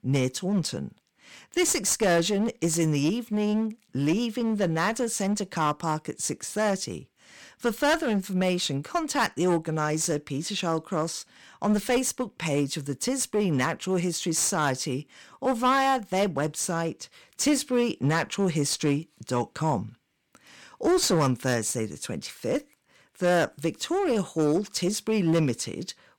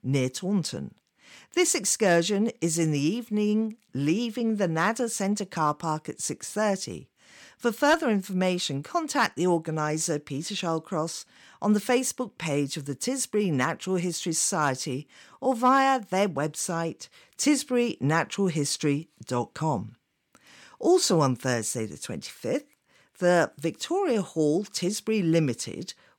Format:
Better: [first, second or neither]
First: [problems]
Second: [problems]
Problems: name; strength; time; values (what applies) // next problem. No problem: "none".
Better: second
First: distortion; slight; 7% of the sound clipped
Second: none